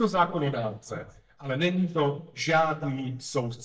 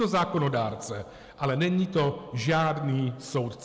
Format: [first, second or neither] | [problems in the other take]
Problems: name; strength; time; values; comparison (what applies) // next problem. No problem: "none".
second | noise reduction (neural mask model DeepFilterNet 3)